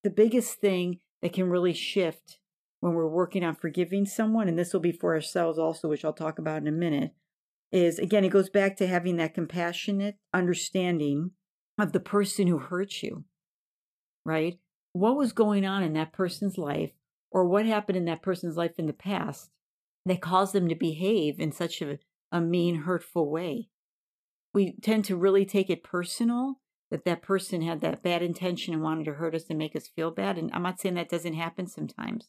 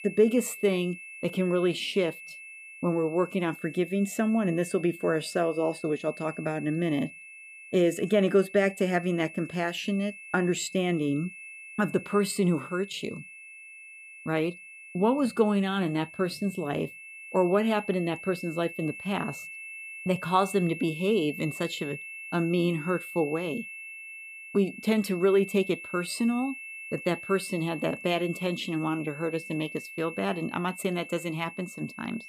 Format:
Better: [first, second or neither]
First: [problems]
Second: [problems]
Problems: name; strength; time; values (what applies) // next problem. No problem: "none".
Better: first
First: none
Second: high-pitched whine; noticeable; throughout; 2.5 kHz, 15 dB below the speech